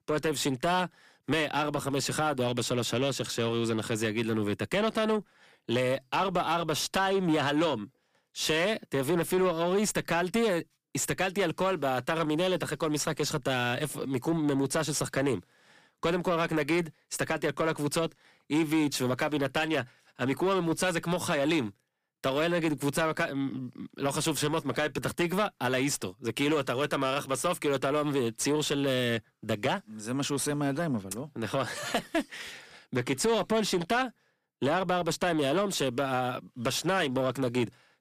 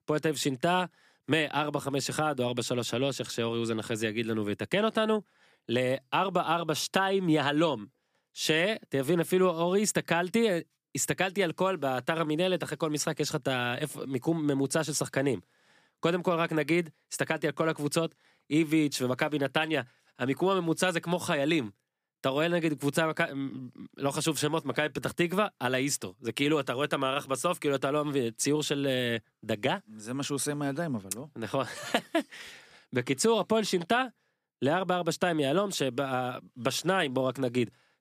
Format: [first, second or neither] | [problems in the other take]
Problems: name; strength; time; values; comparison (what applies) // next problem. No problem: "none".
second | distortion; slight; 10 dB below the speech